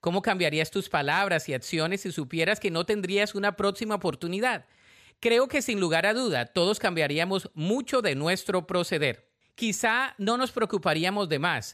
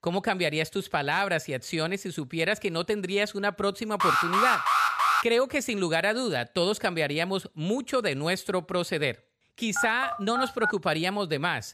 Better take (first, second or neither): first